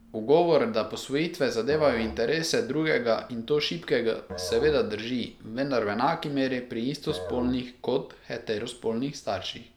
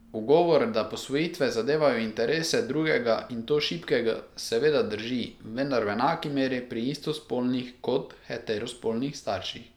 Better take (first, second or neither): second